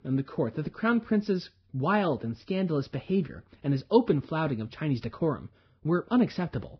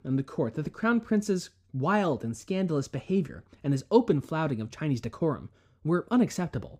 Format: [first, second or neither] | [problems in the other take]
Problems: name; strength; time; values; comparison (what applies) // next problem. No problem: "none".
second | garbled, watery; badly; nothing above 5.5 kHz